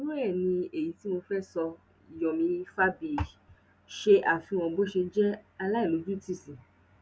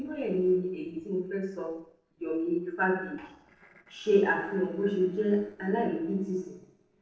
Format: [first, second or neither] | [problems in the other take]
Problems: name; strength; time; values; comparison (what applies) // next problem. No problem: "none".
first | noise reduction (neural separator model SepFormer DNS4)